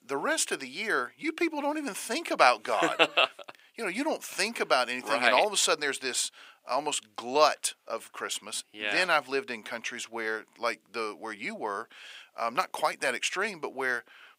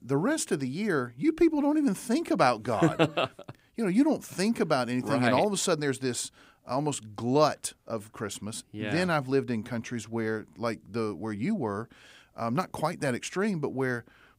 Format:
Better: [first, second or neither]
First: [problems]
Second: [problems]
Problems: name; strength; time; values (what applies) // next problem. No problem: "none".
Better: second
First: thin; somewhat; fading below 600 Hz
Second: none